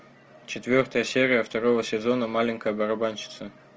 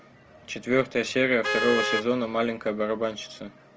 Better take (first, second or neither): first